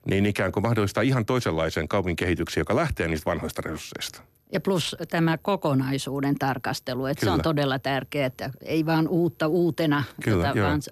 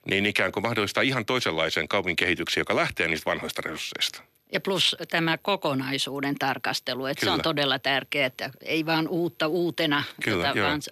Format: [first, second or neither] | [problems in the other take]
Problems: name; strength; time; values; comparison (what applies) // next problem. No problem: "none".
first | thin; very slightly; fading below 350 Hz